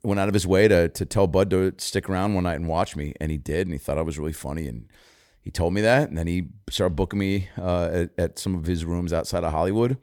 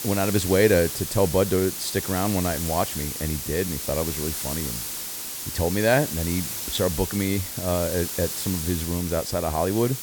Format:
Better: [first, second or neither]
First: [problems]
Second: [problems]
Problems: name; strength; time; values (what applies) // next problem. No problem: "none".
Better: first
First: none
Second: hiss; loud; throughout; 4 dB below the speech